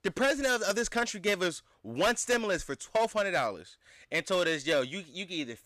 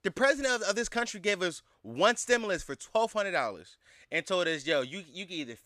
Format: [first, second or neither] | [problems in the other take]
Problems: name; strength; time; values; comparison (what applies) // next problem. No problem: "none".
second | distortion; slight; 6% of the sound clipped